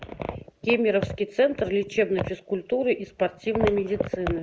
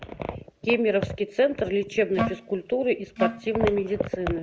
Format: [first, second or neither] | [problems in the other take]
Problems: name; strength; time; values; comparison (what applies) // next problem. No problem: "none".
first | background sound (Wind instrument, woodwind instrument); 5 dB below the speech